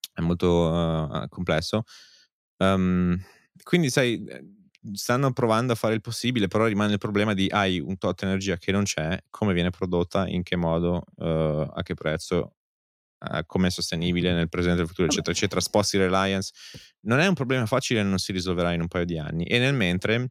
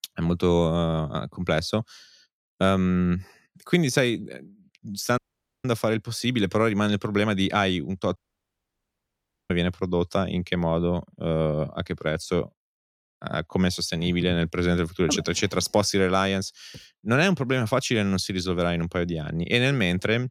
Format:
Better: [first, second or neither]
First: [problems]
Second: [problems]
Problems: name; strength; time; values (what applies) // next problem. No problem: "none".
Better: first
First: none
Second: audio cutting out; at 5 s and at 8 s for 1.5 s